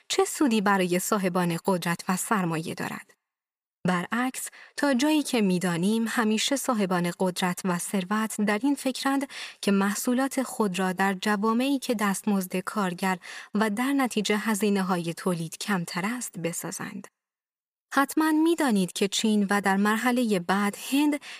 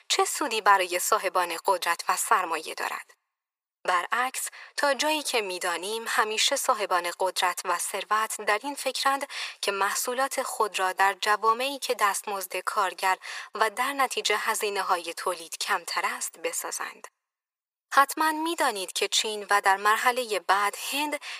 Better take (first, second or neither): first